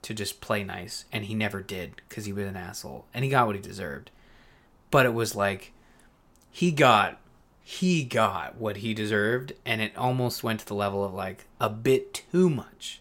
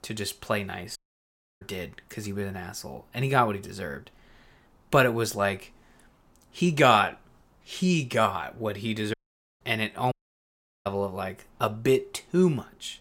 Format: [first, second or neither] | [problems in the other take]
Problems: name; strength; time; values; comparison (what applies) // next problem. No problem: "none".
first | audio cutting out; at 1 s for 0.5 s, at 9 s and at 10 s for 0.5 s